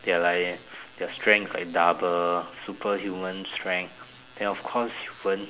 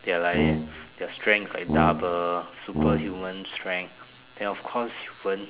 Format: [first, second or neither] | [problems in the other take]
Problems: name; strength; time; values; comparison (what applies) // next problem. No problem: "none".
first | background sound (Brass instrument); 1 dB above the speech